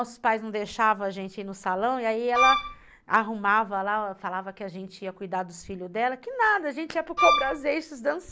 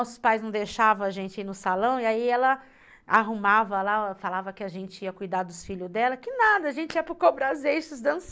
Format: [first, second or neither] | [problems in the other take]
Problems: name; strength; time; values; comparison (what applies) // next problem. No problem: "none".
second | background sound (Wind instrument, woodwind instrument); 3 dB above the speech